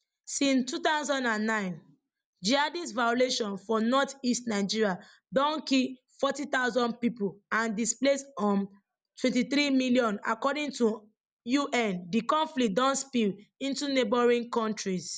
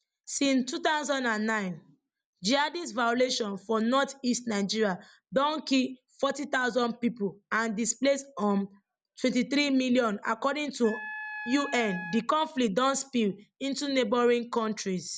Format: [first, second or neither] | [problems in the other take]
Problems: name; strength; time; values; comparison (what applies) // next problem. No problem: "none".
first | background sound (Wind instrument, woodwind instrument); 11 dB below the speech